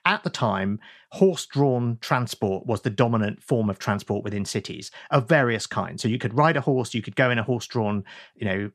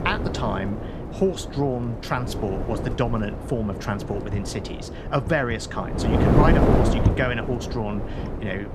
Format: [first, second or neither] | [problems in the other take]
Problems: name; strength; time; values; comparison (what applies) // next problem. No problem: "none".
first | wind noise on the microphone; heavy; 3 dB below the speech